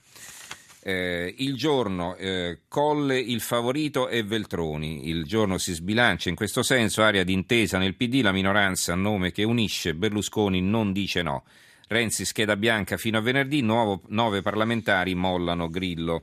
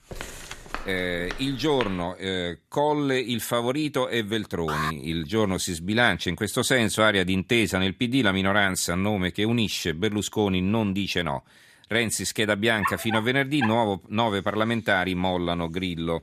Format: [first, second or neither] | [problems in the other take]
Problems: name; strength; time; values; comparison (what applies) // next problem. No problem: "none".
first | footsteps; faint; until 2 s; peak 10 dB below the speech // alarm; noticeable; at 4.5 s; peak 5 dB below the speech // dog barking; noticeable; at 13 s; peak 4 dB below the speech